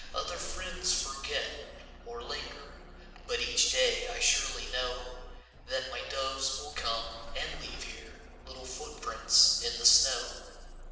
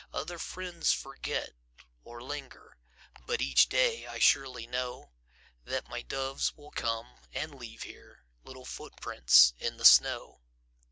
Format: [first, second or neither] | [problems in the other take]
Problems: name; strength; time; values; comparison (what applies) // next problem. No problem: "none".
second | background sound (Engine starting / Bus); 13 dB below the speech // room echo; dies away in 1.2 s